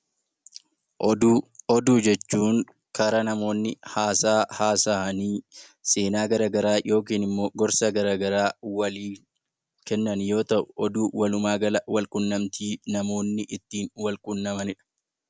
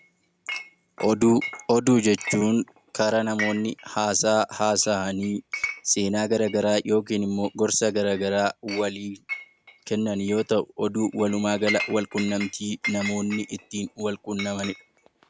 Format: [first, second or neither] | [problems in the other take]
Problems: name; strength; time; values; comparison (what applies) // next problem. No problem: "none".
first | background sound (Chink, clink); 13 dB below the speech